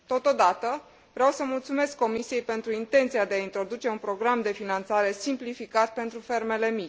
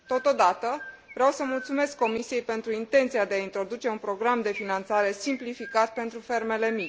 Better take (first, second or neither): first